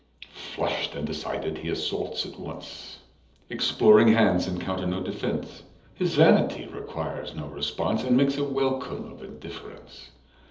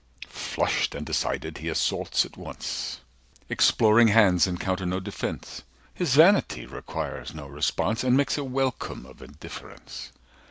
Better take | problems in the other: second | room echo; dies away in 1.2 s

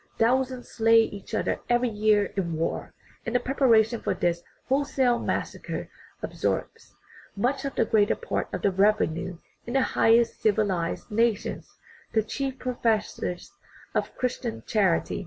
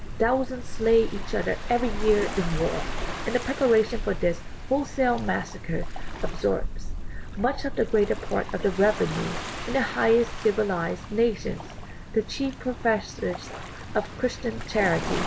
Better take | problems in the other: first | background sound (Waves, surf); 6 dB below the speech

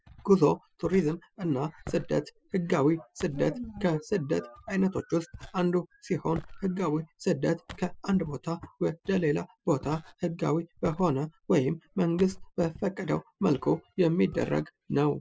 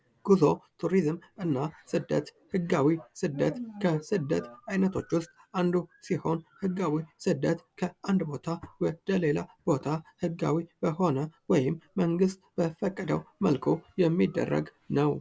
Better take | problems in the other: second | noise reduction (classical method spectral subtraction)

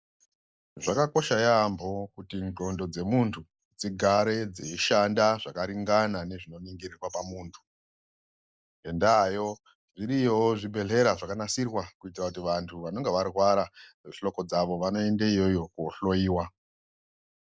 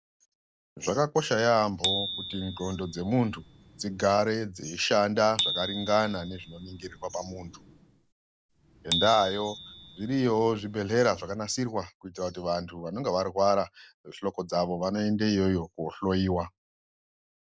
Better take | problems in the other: first | background sound (Bicycle bell); 9 dB below the speech

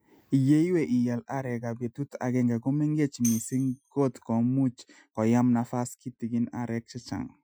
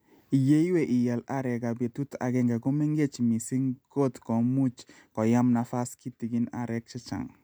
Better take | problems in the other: second | noise reduction (classical method Wiener filter)

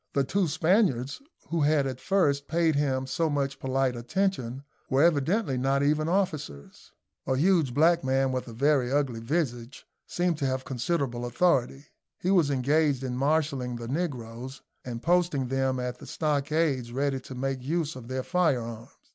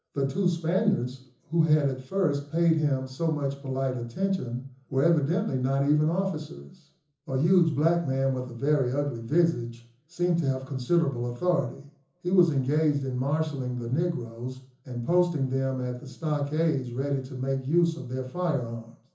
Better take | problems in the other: first | room echo; dies away in 0.6 s

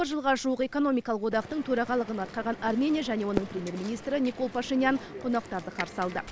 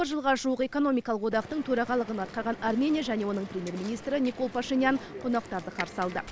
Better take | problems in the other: second | background sound (Fireworks); 13 dB below the speech

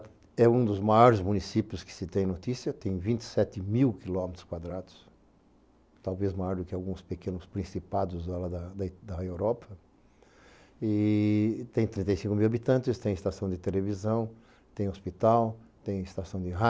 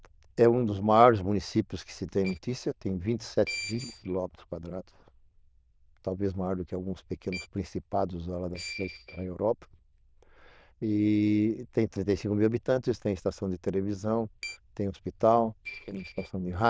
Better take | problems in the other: first | noise reduction (neural diffusion model UNIVERSE++)

